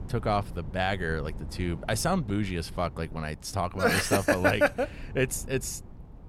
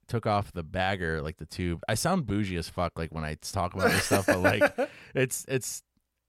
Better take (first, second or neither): second